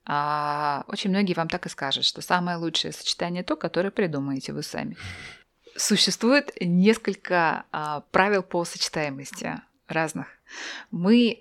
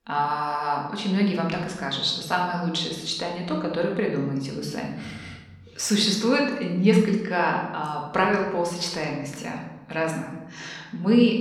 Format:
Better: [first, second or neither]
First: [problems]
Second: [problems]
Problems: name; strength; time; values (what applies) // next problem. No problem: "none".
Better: first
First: none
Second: room echo; noticeable; dies away in 1 s // off-mic speech; somewhat distant